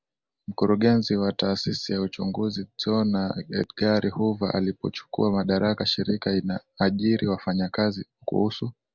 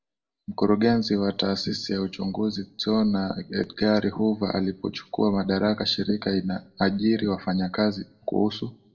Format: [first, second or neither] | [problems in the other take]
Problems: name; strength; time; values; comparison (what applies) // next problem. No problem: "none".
first | room echo; dies away in 0.3 s